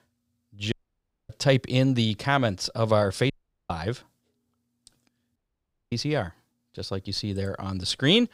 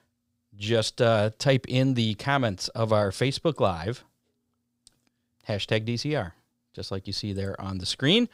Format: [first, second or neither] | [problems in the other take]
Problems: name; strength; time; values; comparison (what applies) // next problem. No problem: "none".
second | audio cutting out; at 0.5 s for 0.5 s, at 3.5 s and at 5.5 s for 0.5 s